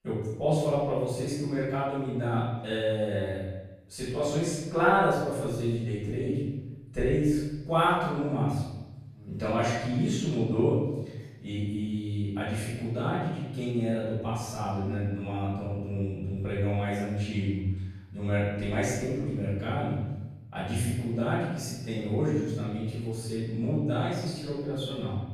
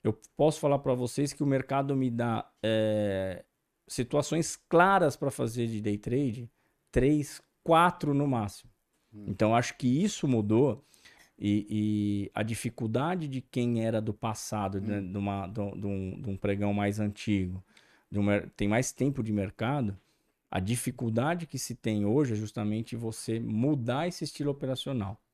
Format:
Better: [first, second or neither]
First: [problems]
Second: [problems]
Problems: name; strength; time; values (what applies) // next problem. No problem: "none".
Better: second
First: off-mic speech; far // room echo; strong; dies away in 1.1 s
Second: none